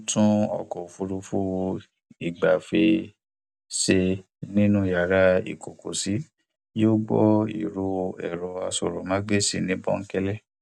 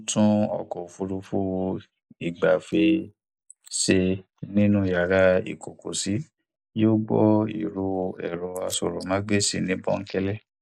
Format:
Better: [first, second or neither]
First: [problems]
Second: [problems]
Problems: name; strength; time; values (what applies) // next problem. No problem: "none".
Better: first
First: none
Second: noise reduction (neural mask model Resemble Enhance denoiser)